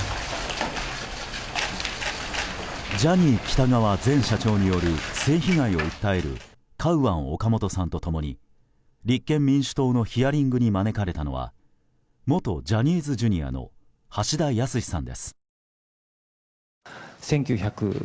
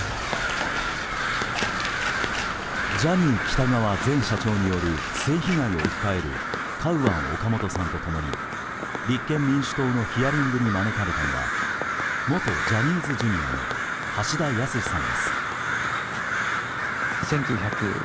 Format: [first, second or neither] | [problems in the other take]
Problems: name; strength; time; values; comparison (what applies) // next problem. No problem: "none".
first | background sound (Crow); 2 dB below the speech